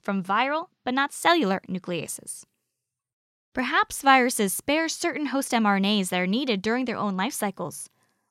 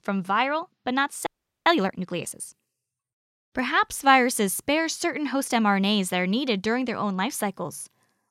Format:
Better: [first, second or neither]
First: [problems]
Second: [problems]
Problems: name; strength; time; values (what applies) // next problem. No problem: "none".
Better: first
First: none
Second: audio freezing; at 1.5 s